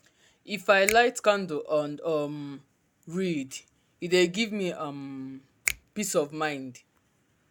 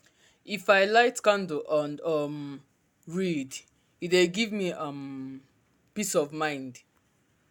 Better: second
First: background sound (Finger snapping); 9 dB below the speech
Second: none

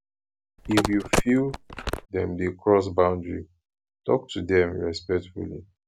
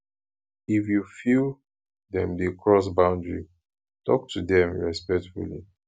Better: second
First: background sound (Telephone); 2 dB below the speech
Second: none

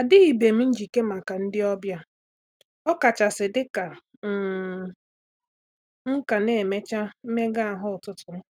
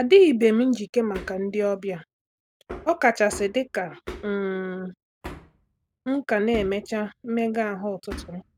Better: first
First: none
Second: background sound (Hammer); 19 dB below the speech

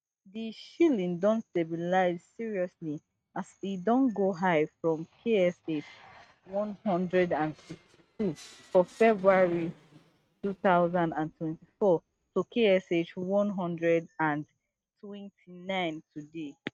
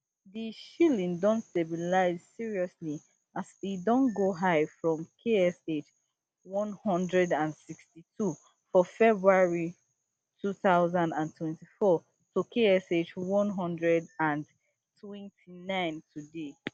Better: second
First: noise reduction (neural mask model RNNoise)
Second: none

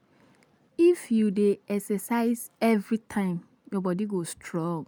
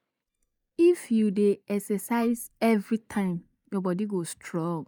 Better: first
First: none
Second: noise reduction (neural mask model DeepFilterNet 3)

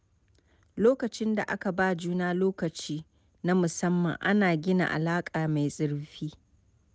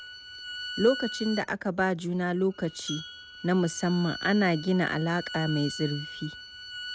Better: first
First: none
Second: background sound (Glass + Bowed string instrument); 12 dB below the speech

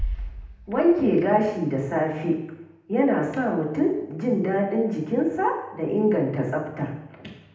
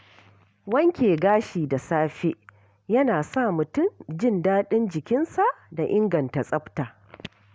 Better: second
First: background sound (Bass drum); 15 dB below the speech // room echo; dies away in 0.8 s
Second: none

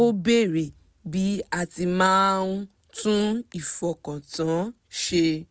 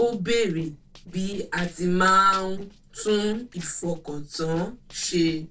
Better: first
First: none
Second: noise reduction (neural separator model SepFormer DNS4)

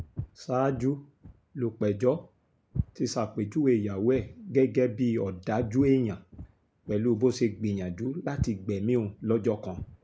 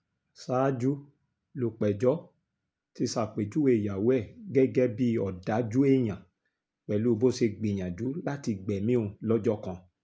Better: second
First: background sound (Walk, footsteps); 14 dB below the speech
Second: none

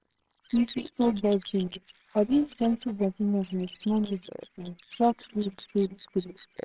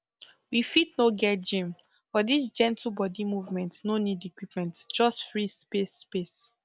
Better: second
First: noise reduction (neural separator model SepFormer WHAMR!)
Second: none

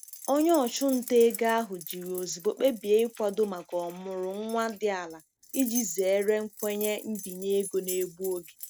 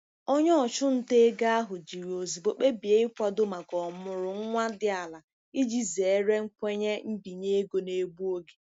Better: second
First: background sound (Keys jangling); 14 dB below the speech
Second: none

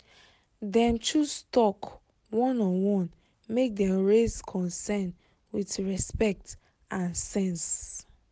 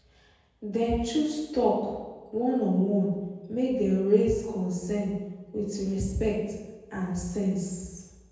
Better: first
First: none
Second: room echo; dies away in 1.2 s

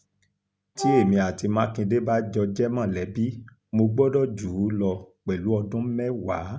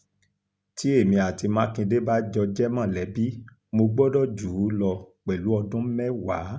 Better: second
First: background sound (Wind instrument, woodwind instrument); 5 dB below the speech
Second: none

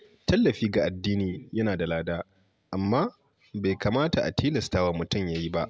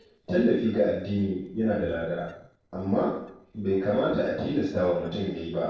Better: first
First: none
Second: noise reduction (neural separator model SepFormer DNS4)

